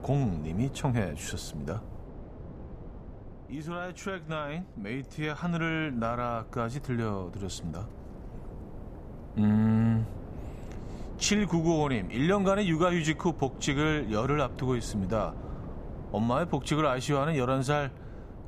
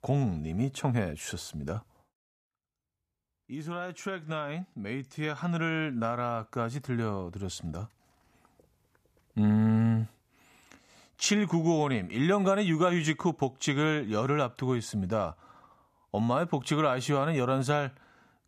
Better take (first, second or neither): second